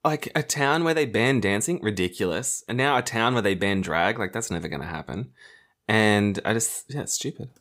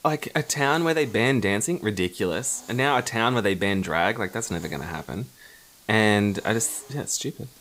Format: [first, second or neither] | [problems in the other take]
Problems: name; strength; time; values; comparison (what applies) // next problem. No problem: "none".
first | hiss; faint; throughout; 25 dB below the speech